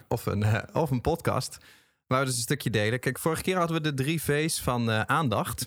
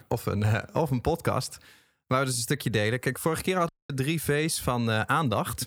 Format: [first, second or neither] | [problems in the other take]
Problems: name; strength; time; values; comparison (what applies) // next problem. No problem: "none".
first | audio cutting out; at 3.5 s